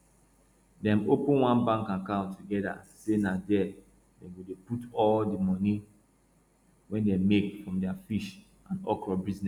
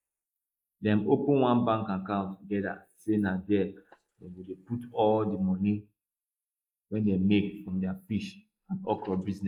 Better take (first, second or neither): first